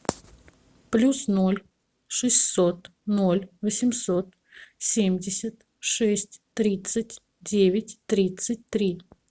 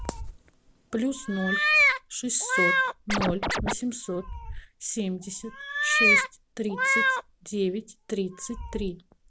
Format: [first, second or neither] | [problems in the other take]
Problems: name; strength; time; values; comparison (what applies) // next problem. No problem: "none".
first | background sound (Scratching (performance technique) + Meow); 4 dB above the speech